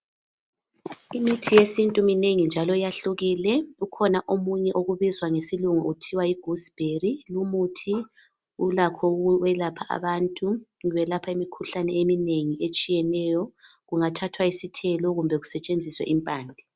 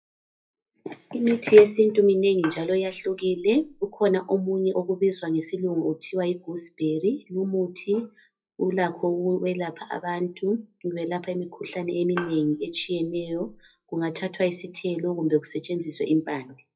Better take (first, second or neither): first